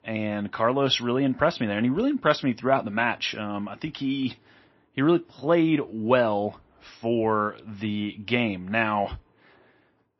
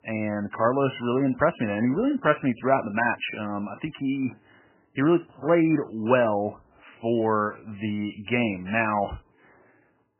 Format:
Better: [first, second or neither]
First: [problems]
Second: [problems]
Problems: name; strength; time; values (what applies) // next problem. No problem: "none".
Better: first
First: garbled, watery; slightly; nothing above 6 kHz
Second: garbled, watery; badly; nothing above 3 kHz